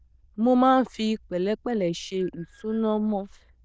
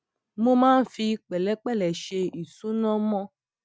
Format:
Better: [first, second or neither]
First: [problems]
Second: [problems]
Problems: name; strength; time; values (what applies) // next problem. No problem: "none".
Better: second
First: noise reduction (neural diffusion model UNIVERSE++)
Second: none